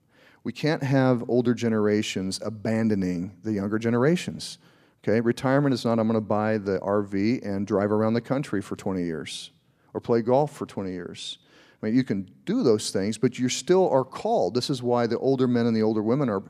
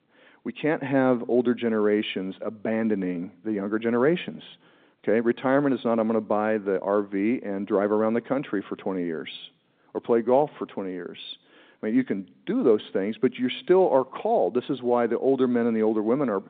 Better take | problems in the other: first | phone-call audio; nothing above 3.5 kHz

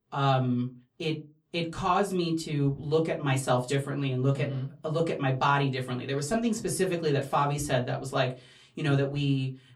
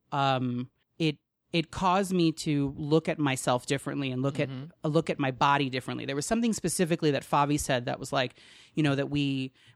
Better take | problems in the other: second | off-mic speech; far // room echo; very slight; dies away in 0.2 s

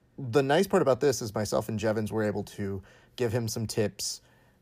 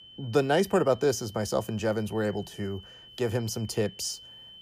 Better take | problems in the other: first | high-pitched whine; faint; throughout; 3 kHz, 20 dB below the speech

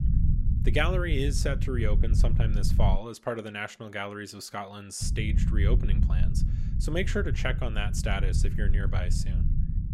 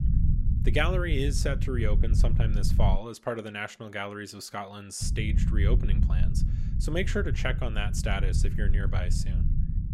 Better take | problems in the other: neither | low rumble; loud; until 3 s and from 5 s on; 10 dB below the speech; the same in both

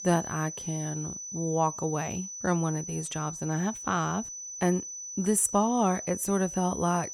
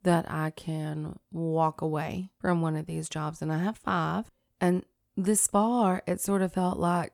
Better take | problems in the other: second | high-pitched whine; loud; throughout; 6 kHz, 8 dB below the speech

